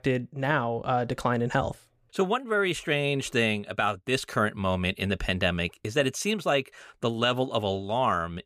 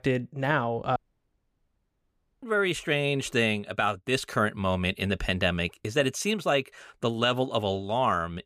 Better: first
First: none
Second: audio cutting out; at 1 s for 1.5 s

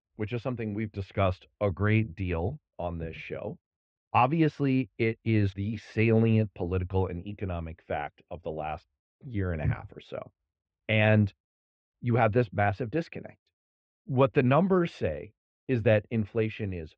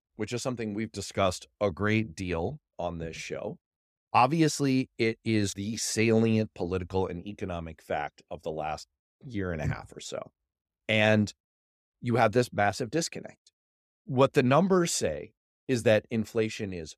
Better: second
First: muffled; very; fading above 3 kHz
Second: none

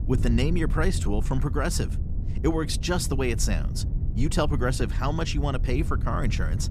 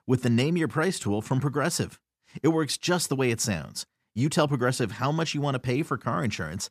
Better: second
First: wind noise on the microphone; occasional gusts; 15 dB below the speech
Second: none

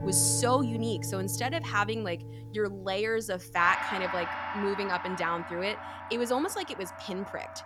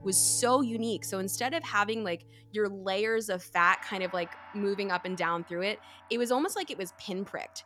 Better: second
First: background music; loud; throughout; 7 dB below the speech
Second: background music; faint; throughout; 20 dB below the speech

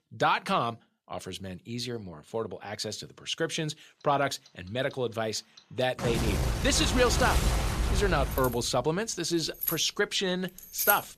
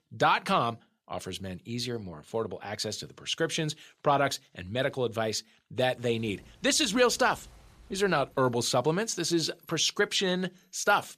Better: second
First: household noises; loud; from 4 s on; 1 dB below the speech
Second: household noises; faint; from 4 s on; 30 dB below the speech

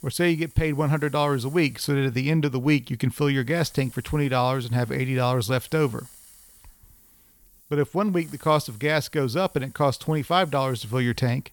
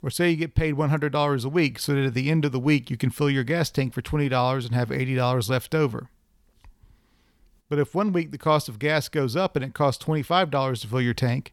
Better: second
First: hiss; faint; throughout; 25 dB below the speech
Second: none

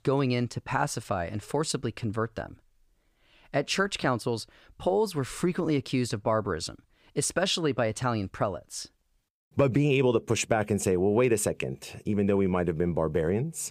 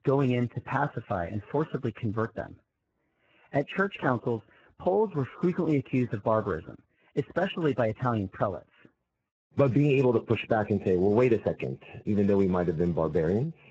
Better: first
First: none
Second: garbled, watery; badly; nothing above 7.5 kHz

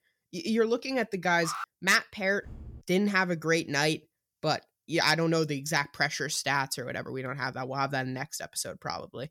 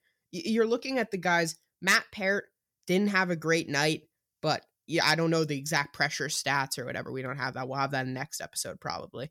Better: second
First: alarm; noticeable; at 1.5 s; peak 9 dB below the speech // door banging; faint; at 2.5 s; peak 20 dB below the speech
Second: none

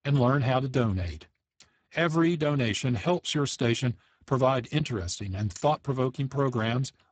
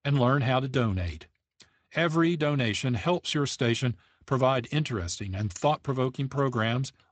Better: second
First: garbled, watery; badly; nothing above 8 kHz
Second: garbled, watery; slightly; nothing above 8 kHz

